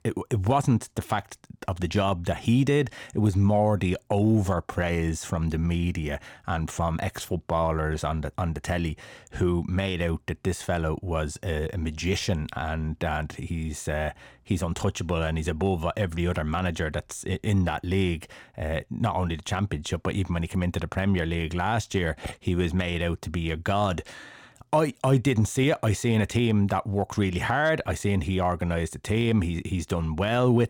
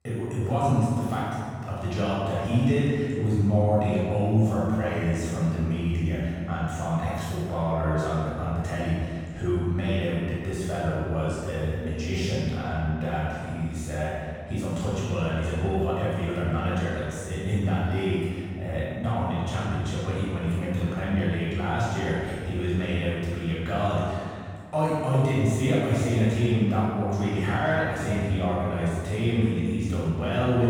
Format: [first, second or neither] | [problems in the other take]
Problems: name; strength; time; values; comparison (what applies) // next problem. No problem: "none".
first | off-mic speech; far // room echo; strong; dies away in 1.9 s